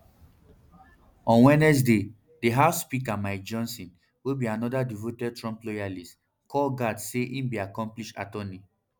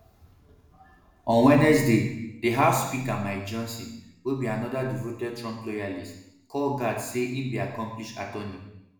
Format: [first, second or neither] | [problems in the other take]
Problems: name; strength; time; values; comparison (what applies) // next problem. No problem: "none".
first | room echo; dies away in 0.9 s